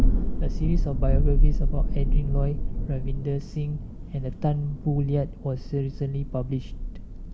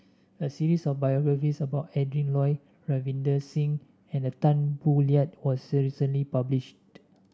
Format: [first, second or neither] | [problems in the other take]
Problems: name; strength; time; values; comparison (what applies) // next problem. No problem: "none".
second | background sound (Thunder); 5 dB above the speech